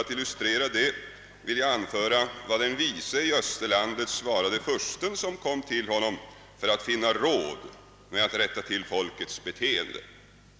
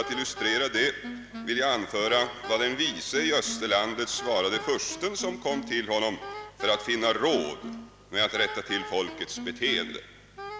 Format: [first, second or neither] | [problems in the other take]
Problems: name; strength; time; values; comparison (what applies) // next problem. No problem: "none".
first | background sound (Wind instrument, woodwind instrument); 12 dB below the speech